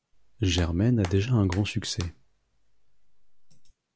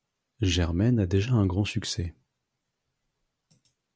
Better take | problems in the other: second | background sound (Hands); 18 dB below the speech

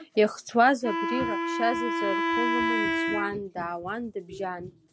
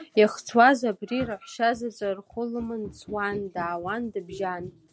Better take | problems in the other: second | background sound (Wind instrument, woodwind instrument); as loud as the speech

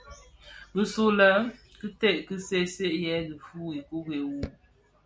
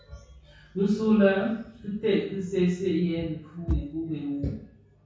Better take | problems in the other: first | background sound (Bass drum / Thump, thud); 13 dB below the speech // room echo; dies away in 0.6 s

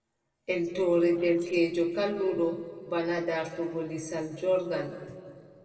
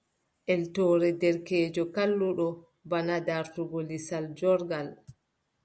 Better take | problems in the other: second | noise reduction (neural separator model SepFormer DNS4)

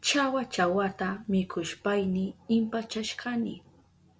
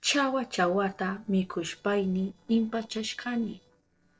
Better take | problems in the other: first | noise reduction (neural separator model SepFormer DNS4)

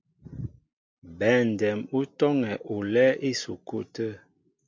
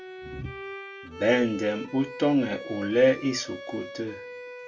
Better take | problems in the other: first | background sound (Bowed string instrument); 13 dB below the speech // room echo; dies away in 0.2 s

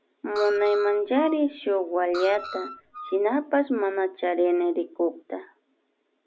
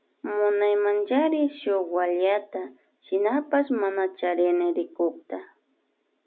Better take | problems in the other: second | background sound (Screech); 13 dB below the speech

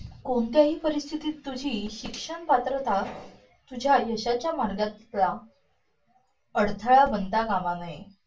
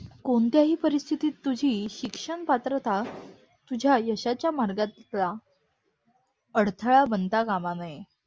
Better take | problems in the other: second | room echo; dies away in 0.2 s

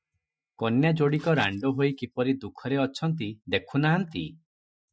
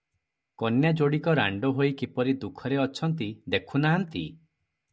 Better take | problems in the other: second | noise reduction (classical method Wiener filter)

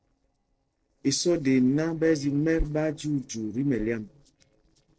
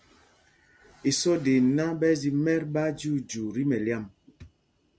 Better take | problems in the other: second | noise reduction (neural separator model SepFormer DNS4)

